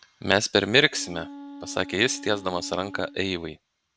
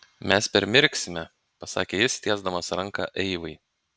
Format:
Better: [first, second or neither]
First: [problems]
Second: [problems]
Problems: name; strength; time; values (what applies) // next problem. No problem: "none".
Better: second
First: background sound (Wind instrument, woodwind instrument); 16 dB below the speech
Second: none